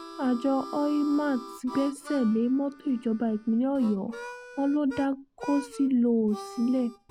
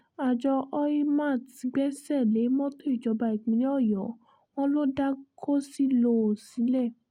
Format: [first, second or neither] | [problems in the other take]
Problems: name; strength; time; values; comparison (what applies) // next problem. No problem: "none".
second | background sound (Harmonica); 15 dB below the speech